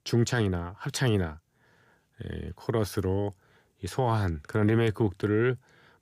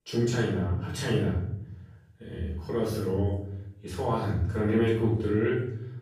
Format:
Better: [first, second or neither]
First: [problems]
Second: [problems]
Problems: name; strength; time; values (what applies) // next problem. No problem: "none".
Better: first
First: none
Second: off-mic speech; far // room echo; noticeable; dies away in 0.7 s